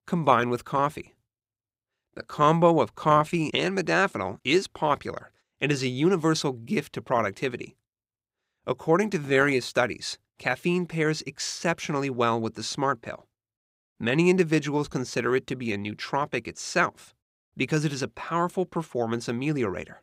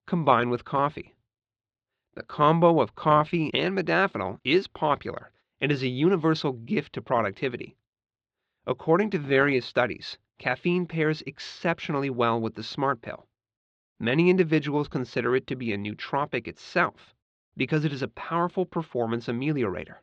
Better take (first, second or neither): first